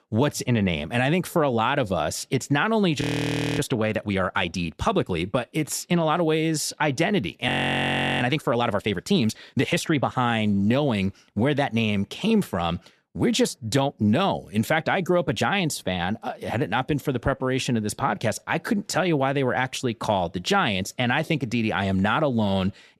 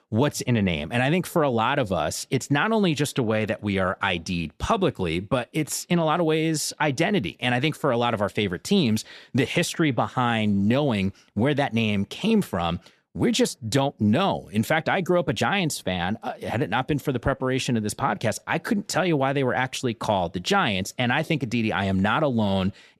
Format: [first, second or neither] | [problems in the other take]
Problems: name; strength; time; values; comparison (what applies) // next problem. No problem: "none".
second | audio freezing; at 3 s for 0.5 s and at 7.5 s for 0.5 s